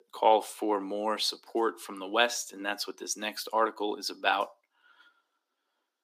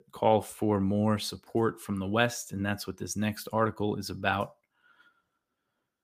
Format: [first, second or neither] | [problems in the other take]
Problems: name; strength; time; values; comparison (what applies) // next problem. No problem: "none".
second | thin; very; fading below 300 Hz